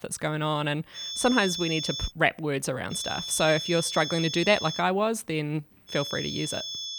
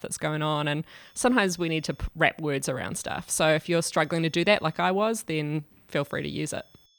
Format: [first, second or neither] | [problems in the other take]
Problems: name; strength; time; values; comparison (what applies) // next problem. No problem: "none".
second | high-pitched whine; loud; from 1 to 2 s, from 3 to 5 s and from 6 s on; 3.5 kHz, 6 dB below the speech; faint in the second